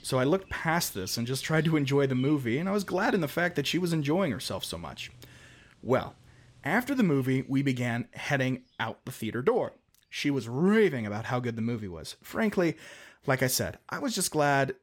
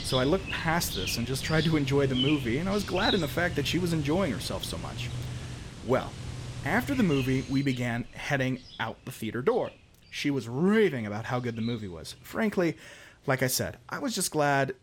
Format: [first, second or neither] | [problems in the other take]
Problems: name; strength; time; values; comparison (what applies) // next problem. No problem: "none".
first | animal sounds; loud; throughout; 8 dB below the speech; faint in the first